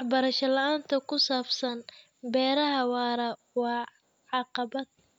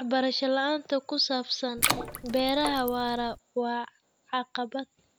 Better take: first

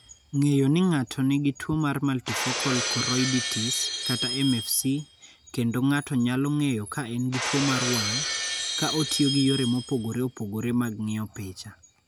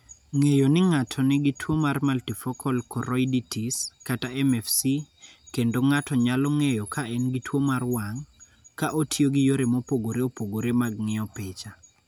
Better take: second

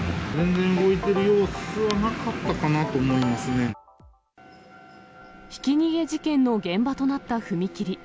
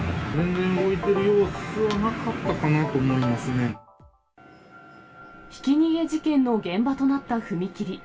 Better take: first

